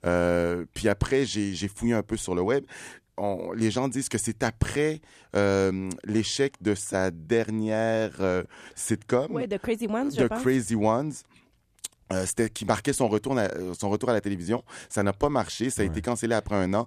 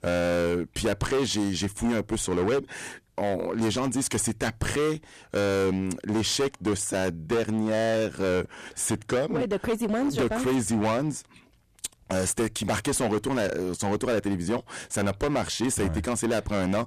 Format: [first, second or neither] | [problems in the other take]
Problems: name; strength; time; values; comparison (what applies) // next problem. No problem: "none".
first | distortion; heavy; 17% of the sound clipped